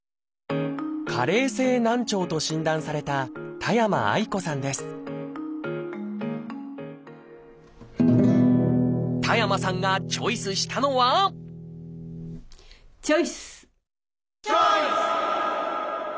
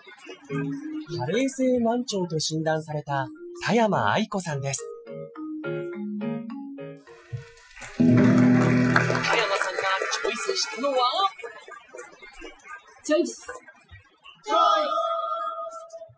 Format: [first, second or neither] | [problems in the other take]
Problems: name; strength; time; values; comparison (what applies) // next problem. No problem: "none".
first | noise reduction (classical method Wiener filter)